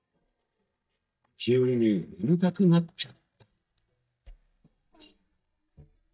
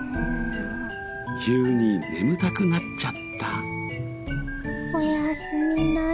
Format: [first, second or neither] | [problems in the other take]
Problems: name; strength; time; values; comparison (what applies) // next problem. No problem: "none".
second | noise reduction (neural mask model DeepFilterNet 3)